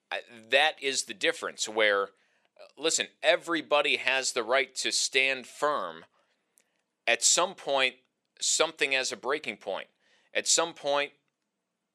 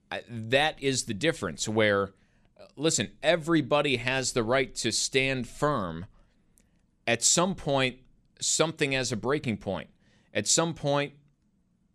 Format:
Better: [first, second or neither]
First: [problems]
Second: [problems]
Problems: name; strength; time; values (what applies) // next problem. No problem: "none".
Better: second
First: thin; very; fading below 550 Hz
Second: none